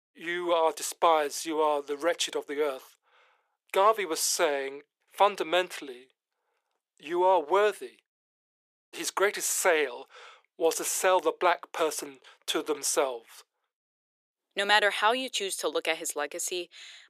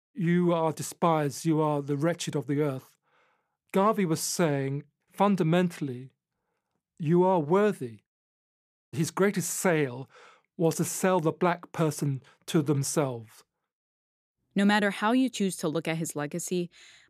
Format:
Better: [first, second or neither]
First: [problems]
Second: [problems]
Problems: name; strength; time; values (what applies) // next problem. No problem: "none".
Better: second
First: thin; very; fading below 450 Hz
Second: none